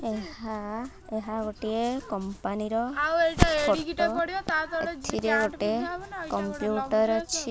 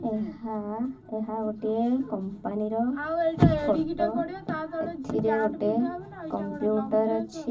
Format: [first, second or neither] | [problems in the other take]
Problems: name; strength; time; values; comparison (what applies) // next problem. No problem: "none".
first | room echo; dies away in 0.4 s